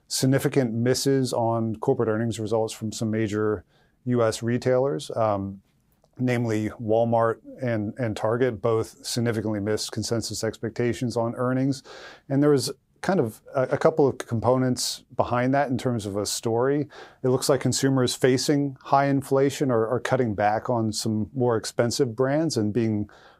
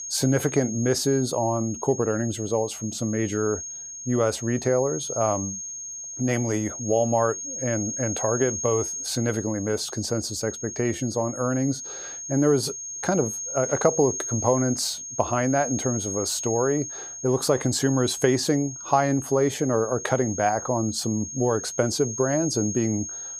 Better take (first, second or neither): first